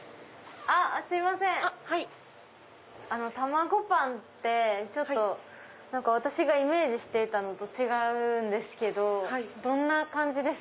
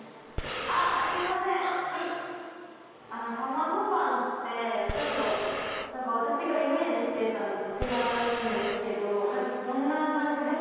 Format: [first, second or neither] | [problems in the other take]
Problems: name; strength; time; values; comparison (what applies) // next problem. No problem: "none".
first | background sound (Breathing); 6 dB below the speech // room echo; dies away in 2.1 s